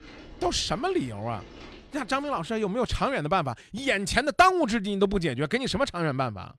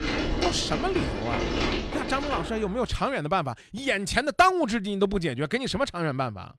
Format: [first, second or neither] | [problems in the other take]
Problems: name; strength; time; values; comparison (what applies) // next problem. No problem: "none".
first | traffic noise; loud; until 2 s; 3 dB below the speech; faint in the first